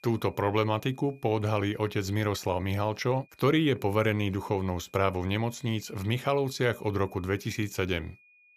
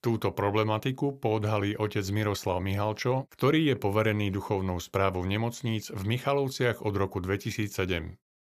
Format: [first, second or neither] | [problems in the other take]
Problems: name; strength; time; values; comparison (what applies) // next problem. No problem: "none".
second | high-pitched whine; faint; throughout; 2.5 kHz, 30 dB below the speech